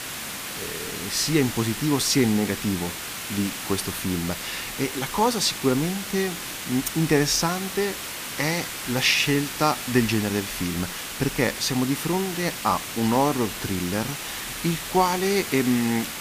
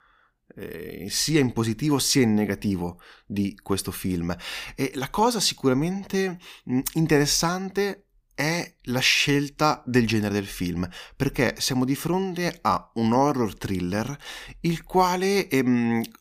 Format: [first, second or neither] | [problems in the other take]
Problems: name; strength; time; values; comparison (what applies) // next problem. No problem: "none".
second | hiss; loud; throughout; 6 dB below the speech